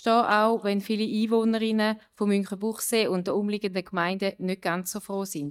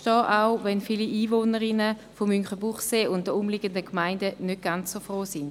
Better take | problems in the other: second | noise reduction (neural mask model DeepFilterNet 3)

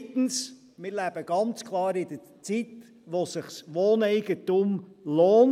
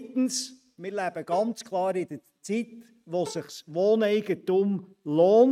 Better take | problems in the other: first | noise reduction (neural mask model RNNoise)

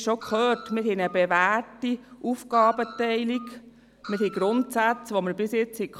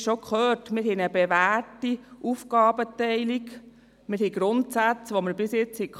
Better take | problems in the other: second | background sound (Screech); 18 dB below the speech

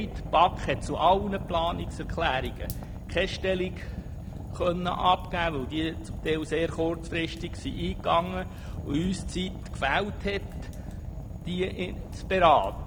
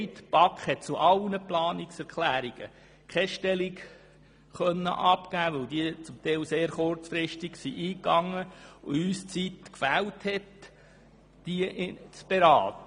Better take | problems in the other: second | background sound (Fire); 8 dB below the speech

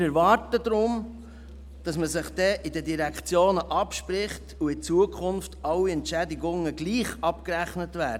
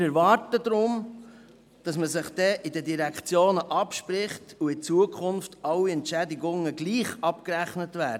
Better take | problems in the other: second | background sound (Musical instrument); 17 dB below the speech

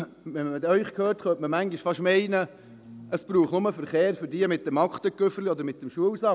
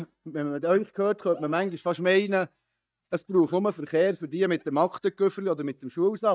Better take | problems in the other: first | noise reduction (neural mask model DeepFilterNet 3)

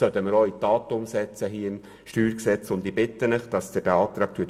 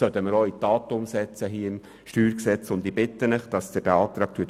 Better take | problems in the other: second | room echo; dies away in 0.4 s

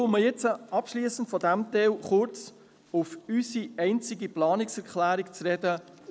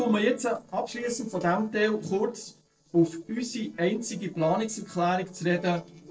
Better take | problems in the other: first | noise reduction (neural separator model SepFormer DNS4)

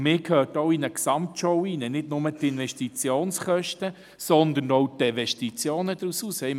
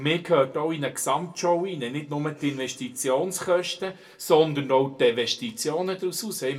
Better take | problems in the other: first | room echo; dies away in 0.2 s

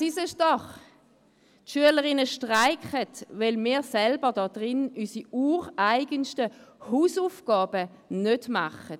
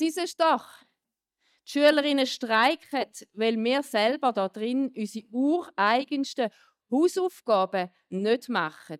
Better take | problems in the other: first | noise reduction (neural mask model DeepFilterNet 3)

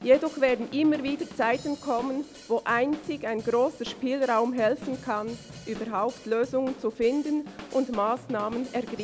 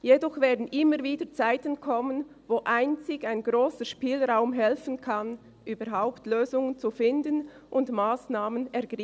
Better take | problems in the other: second | background sound (Drum / Drum kit); 17 dB below the speech

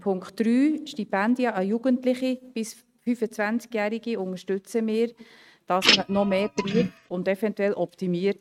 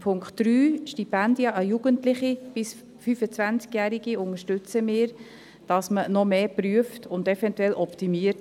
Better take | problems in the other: second | noise reduction (neural mask model RNNoise)

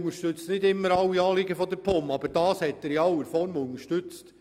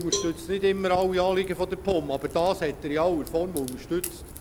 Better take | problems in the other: first | background sound (Cowbell + Crack); 12 dB below the speech

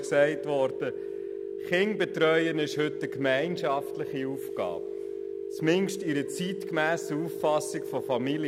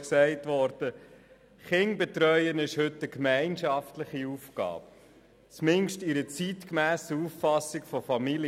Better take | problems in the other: second | background sound (Telephone); 6 dB below the speech

